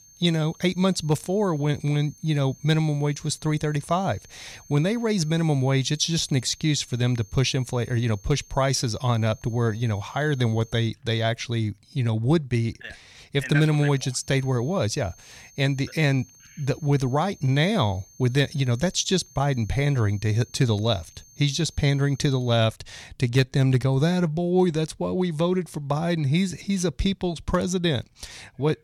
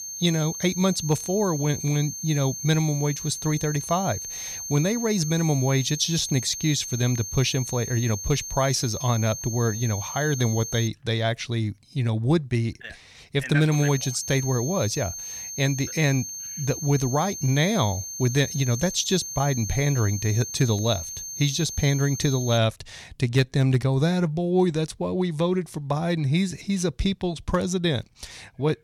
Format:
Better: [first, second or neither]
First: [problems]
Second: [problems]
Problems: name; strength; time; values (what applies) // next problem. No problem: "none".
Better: first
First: high-pitched whine; faint; until 11 s and from 14 to 23 s; 6.5 kHz, 25 dB below the speech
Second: high-pitched whine; loud; until 11 s and from 14 to 23 s; 6.5 kHz, 7 dB below the speech